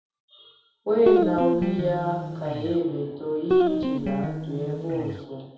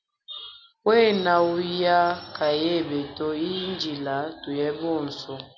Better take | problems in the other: second | background sound (Guitar); 1 dB above the speech // room echo; dies away in 0.7 s

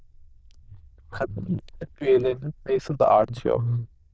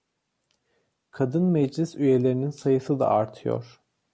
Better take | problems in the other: second | noise reduction (neural diffusion model UNIVERSE++)

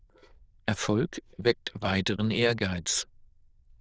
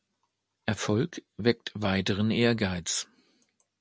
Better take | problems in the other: second | noise reduction (neural diffusion model UNIVERSE++)

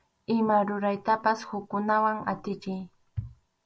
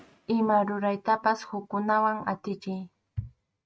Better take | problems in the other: first | noise reduction (neural mask model RNNoise)

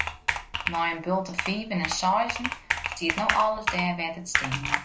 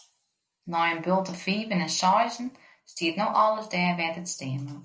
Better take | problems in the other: second | background sound (Computer keyboard); 2 dB below the speech

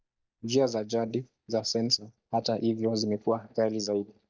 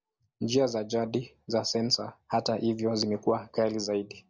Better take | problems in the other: second | noise reduction (neural mask model DeepFilterNet 3)

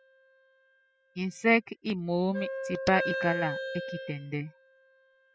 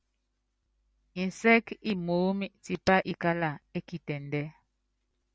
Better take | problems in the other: second | noise reduction (classical method spectral subtraction)

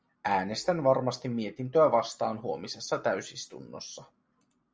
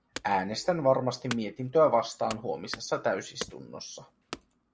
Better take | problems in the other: first | background sound (Wood / Domestic sounds, home sounds); 16 dB below the speech

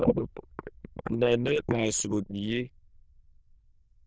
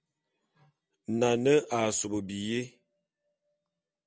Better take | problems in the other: second | noise reduction (neural diffusion model UNIVERSE++)

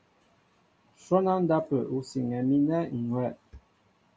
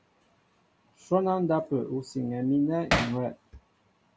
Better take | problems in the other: first | background sound (Hammer); 3 dB above the speech

